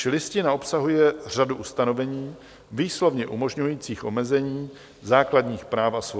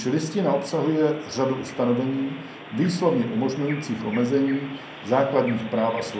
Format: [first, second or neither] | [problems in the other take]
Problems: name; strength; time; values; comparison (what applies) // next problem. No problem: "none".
first | background sound (Bird vocalization, bird call, bird song); 15 dB below the speech // room echo; dies away in 0.6 s